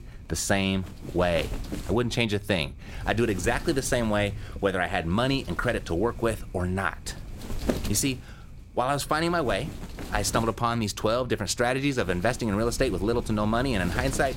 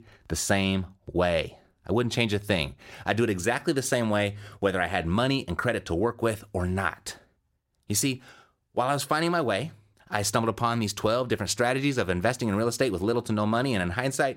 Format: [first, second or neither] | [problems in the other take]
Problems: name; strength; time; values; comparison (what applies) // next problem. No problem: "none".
second | wind noise on the microphone; occasional gusts; 15 dB below the speech